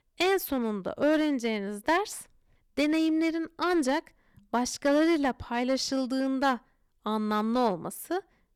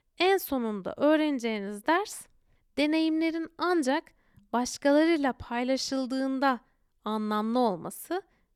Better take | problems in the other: second | distortion; slight; 5% of the sound clipped

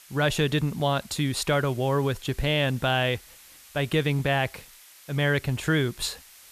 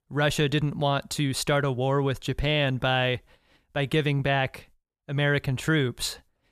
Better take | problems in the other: second | hiss; faint; throughout; 20 dB below the speech

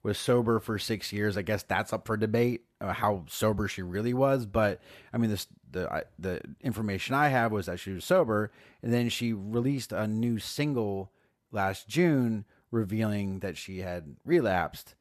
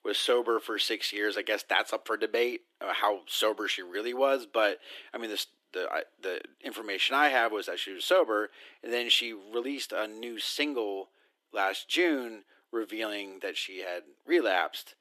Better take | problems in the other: first | thin; very; fading below 300 Hz

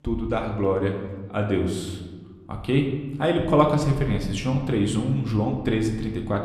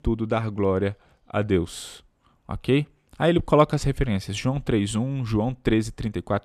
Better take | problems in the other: second | room echo; slight; dies away in 1.1 s

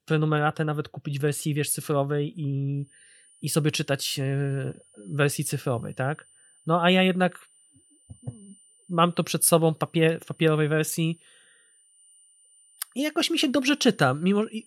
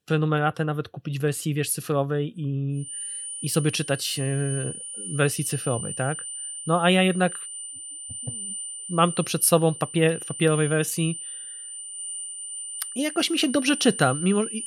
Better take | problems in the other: first | high-pitched whine; loud; from 3 s on; 9 kHz, 9 dB below the speech; faint in the first

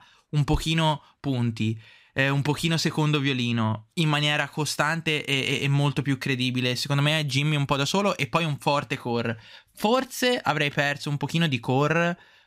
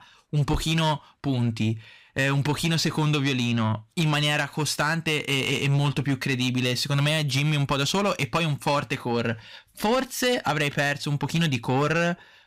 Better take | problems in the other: first | distortion; slight; 10 dB below the speech

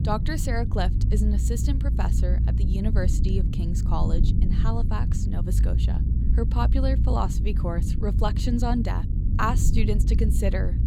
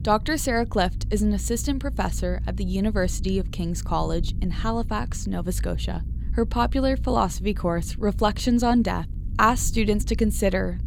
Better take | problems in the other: second | low rumble; loud; throughout; 7 dB below the speech; faint in the second

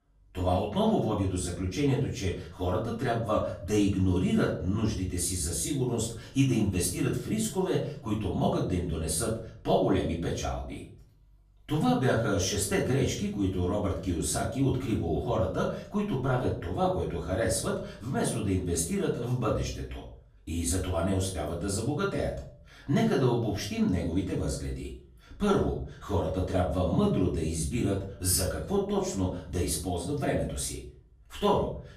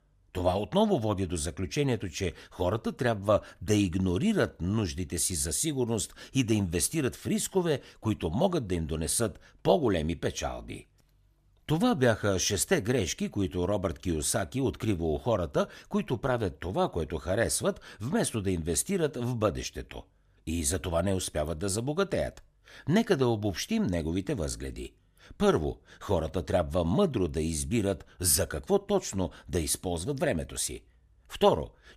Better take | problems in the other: second | off-mic speech; far // room echo; slight; dies away in 0.5 s

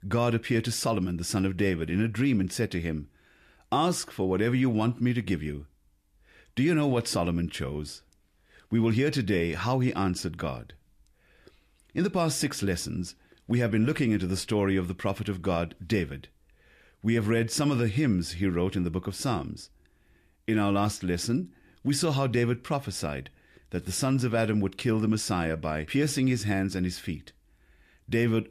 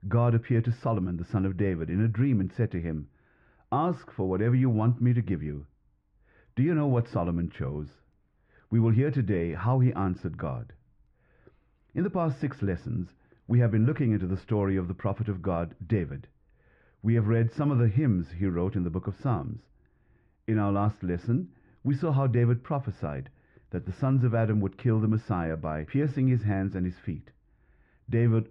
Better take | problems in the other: first | muffled; very; fading above 1.5 kHz

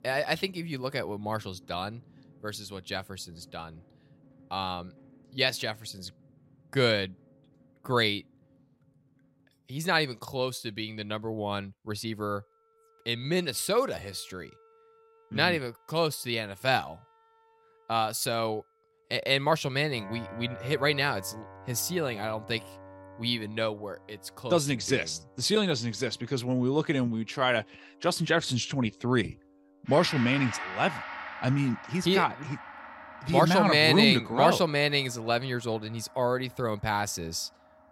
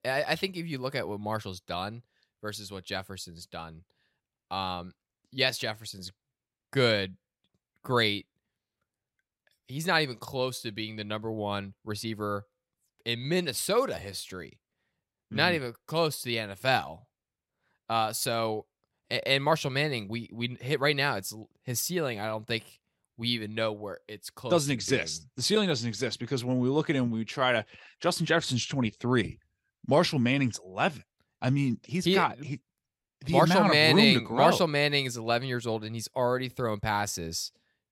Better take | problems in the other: second | background music; noticeable; throughout; 15 dB below the speech

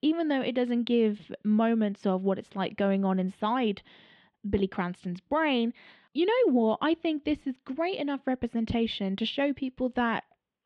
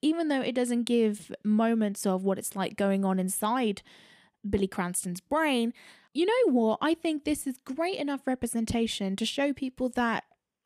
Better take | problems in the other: second | muffled; slightly; fading above 3.5 kHz

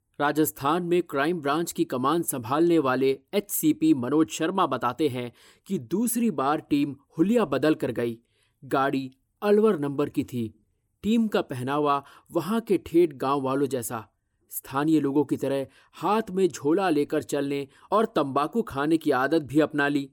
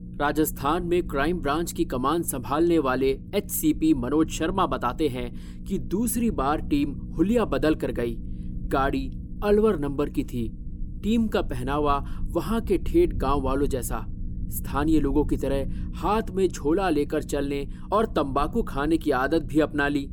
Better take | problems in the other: first | low rumble; faint; throughout; 20 dB below the speech

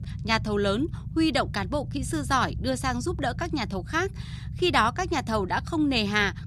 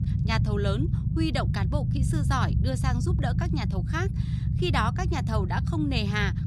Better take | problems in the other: first | low rumble; loud; throughout; 8 dB below the speech; faint in the first

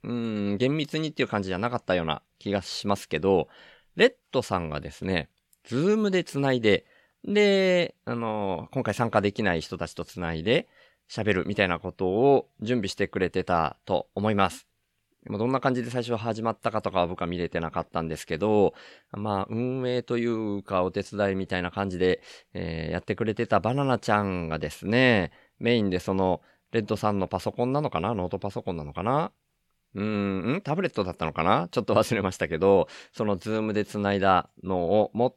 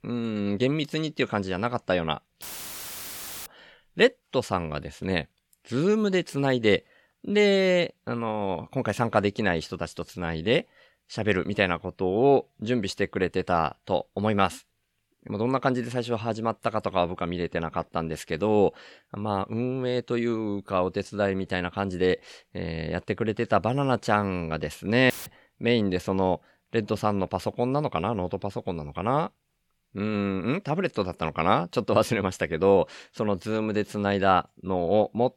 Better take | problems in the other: first | audio cutting out; filled with static; at 2.5 s for 1 s and at 25 s

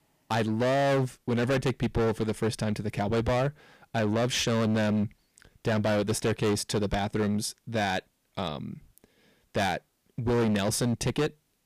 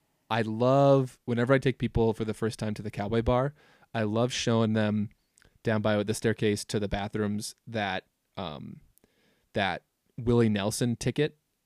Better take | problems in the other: second | distortion; heavy; 17% of the sound clipped

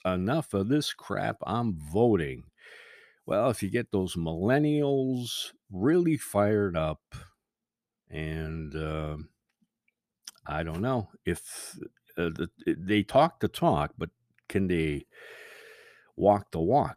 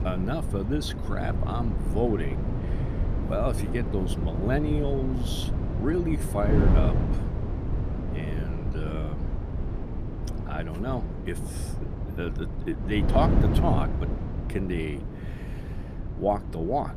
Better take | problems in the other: first | wind noise on the microphone; heavy; 6 dB below the speech

